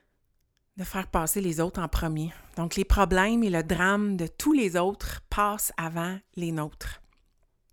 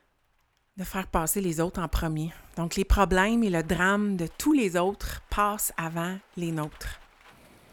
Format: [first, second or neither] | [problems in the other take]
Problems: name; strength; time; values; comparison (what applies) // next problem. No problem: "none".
first | rain or running water; faint; throughout; 30 dB below the speech